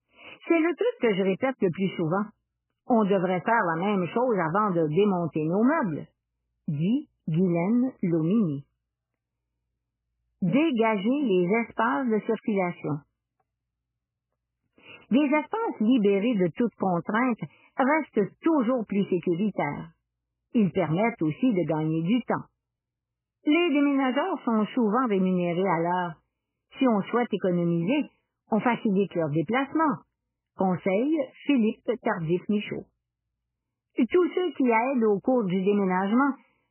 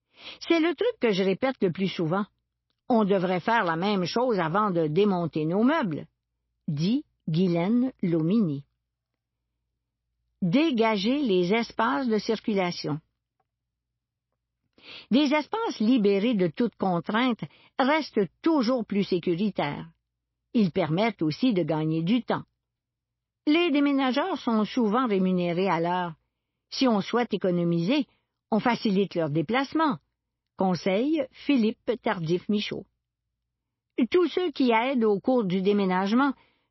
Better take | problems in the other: second | garbled, watery; badly; nothing above 3 kHz; slightly in the second

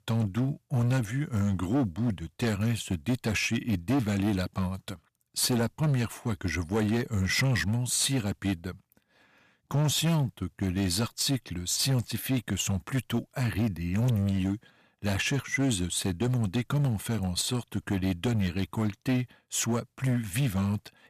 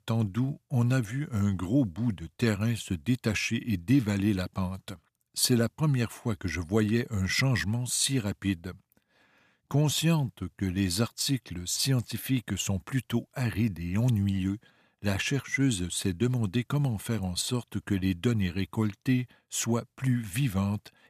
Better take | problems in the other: second | distortion; slight; 10% of the sound clipped

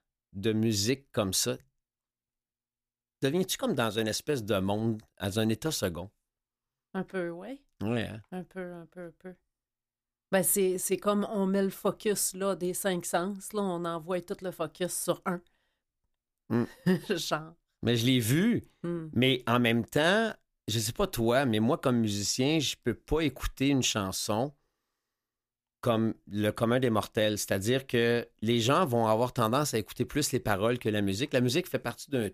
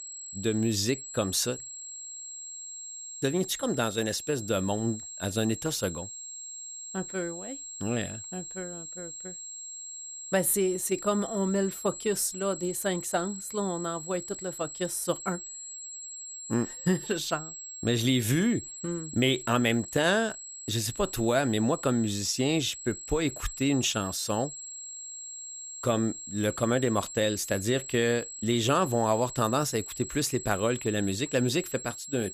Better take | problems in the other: first | high-pitched whine; loud; throughout; 7.5 kHz, 10 dB below the speech

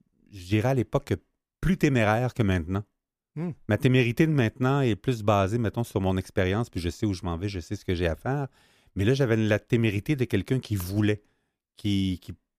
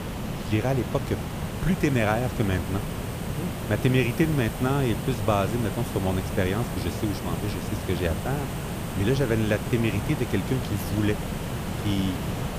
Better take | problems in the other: first | hiss; loud; throughout; 5 dB below the speech

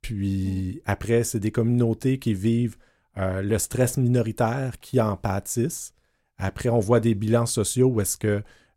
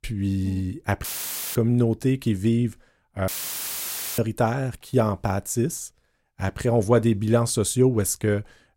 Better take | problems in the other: first | audio cutting out; filled with static; at 1 s for 0.5 s and at 3.5 s for 1 s

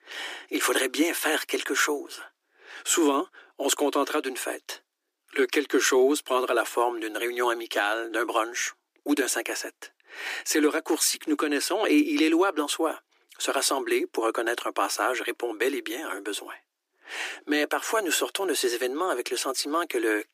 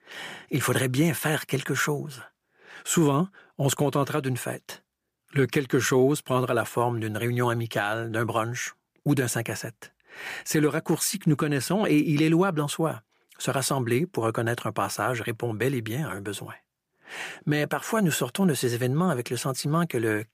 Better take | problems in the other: second | thin; somewhat; fading below 300 Hz

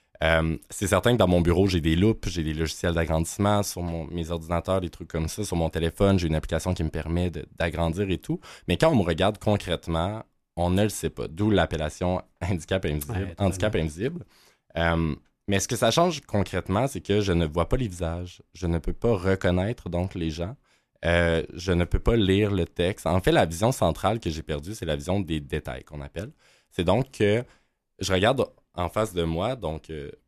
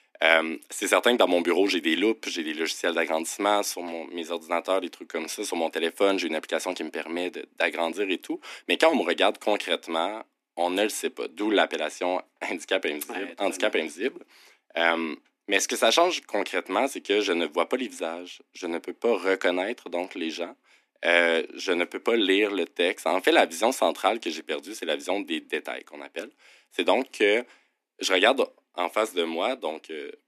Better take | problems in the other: first | thin; somewhat; fading below 250 Hz

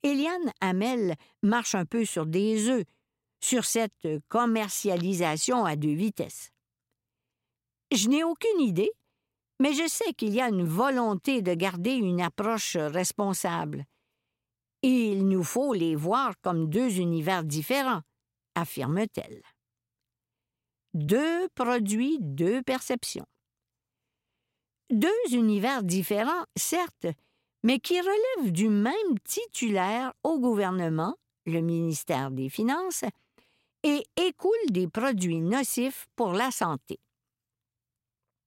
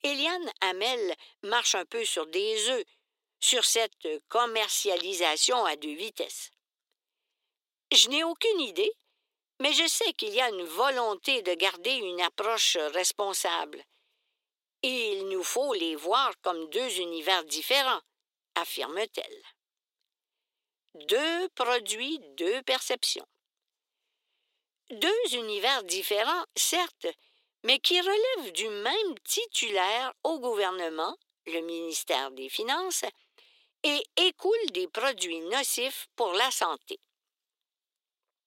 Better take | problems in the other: first | thin; very; fading below 350 Hz

